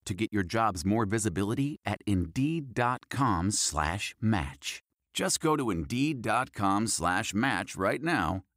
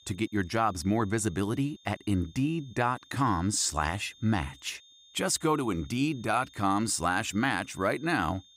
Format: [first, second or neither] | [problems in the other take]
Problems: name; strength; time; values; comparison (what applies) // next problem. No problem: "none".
first | high-pitched whine; faint; throughout; 3.5 kHz, 25 dB below the speech